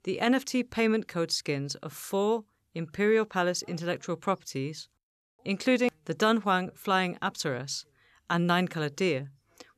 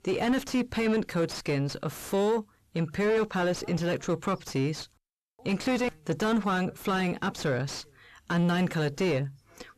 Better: first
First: none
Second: distortion; heavy; 5 dB below the speech

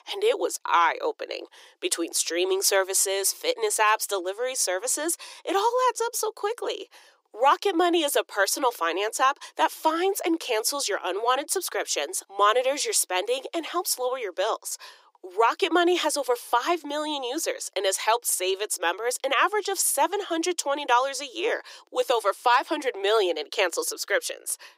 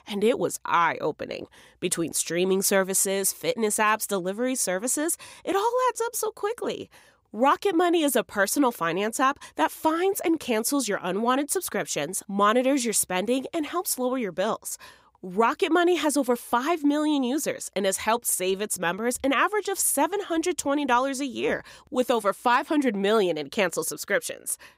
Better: second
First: thin; very; fading below 350 Hz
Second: none

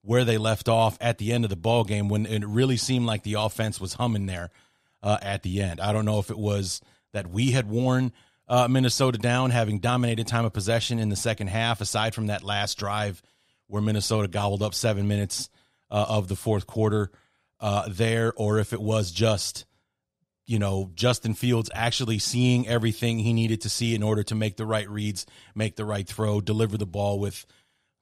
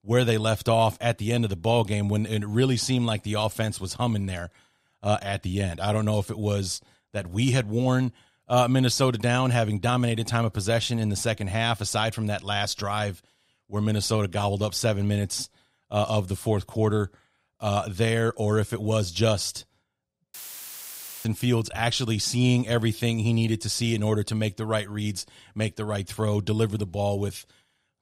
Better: first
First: none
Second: audio cutting out; filled with static; at 20 s for 1 s

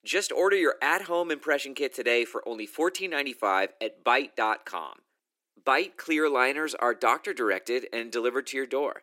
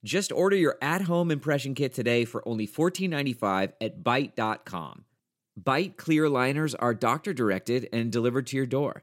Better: second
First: thin; very; fading below 350 Hz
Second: none

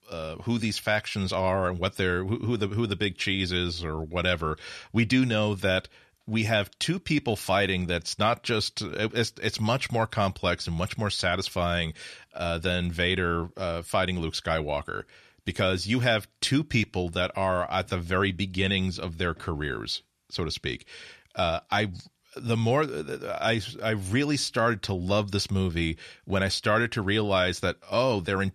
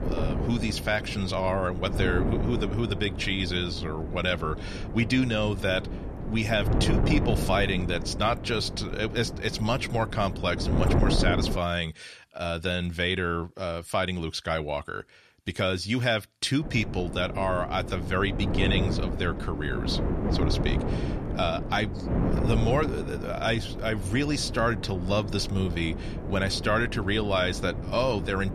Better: first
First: none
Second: wind noise on the microphone; heavy; until 12 s and from 17 s on; 8 dB below the speech

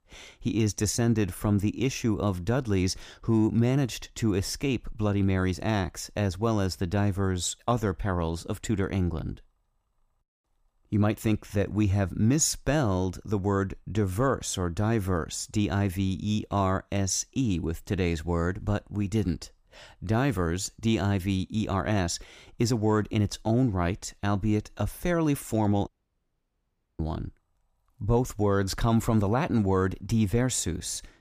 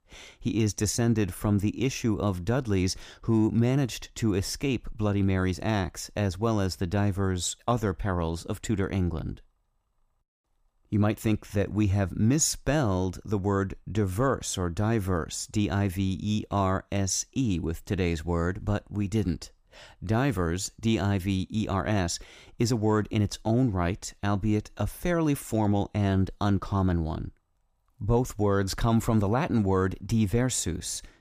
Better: second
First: audio cutting out; at 26 s for 1 s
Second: none

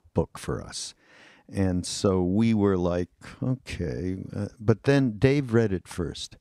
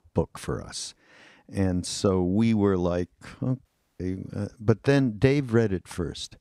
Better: first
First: none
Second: audio cutting out; at 3.5 s

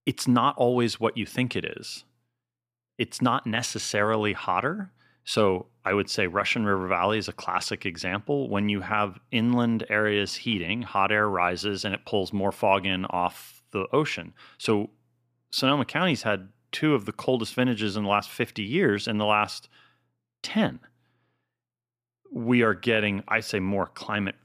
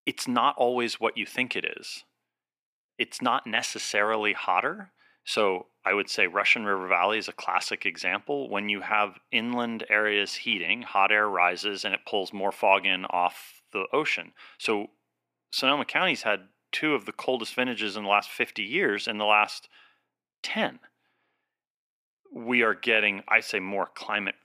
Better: first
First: none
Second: thin; somewhat; fading below 300 Hz

